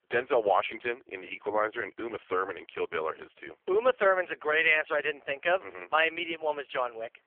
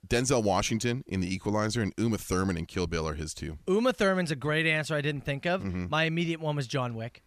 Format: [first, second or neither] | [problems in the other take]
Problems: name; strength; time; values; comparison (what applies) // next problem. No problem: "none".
second | phone-call audio; poor line; nothing above 3 kHz